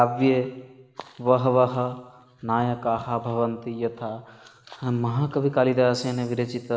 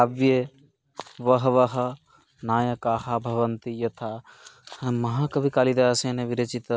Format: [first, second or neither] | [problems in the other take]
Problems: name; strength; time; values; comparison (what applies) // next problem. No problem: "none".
second | room echo; dies away in 1.3 s